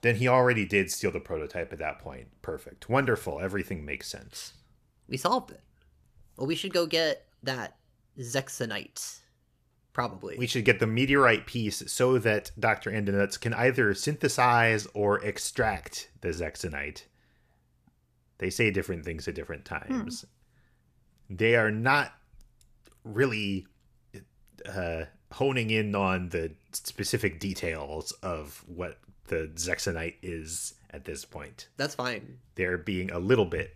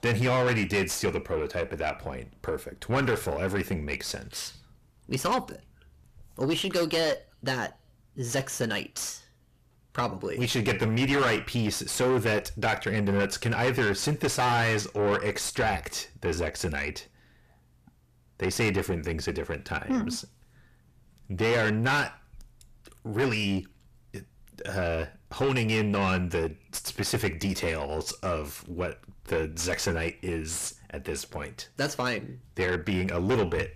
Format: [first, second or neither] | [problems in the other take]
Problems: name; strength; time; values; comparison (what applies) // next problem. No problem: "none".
first | distortion; heavy; 5 dB below the speech